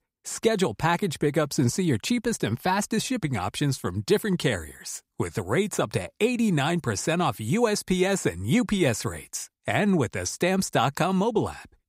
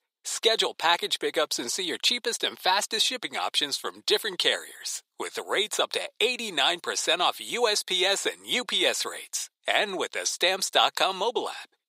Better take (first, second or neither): first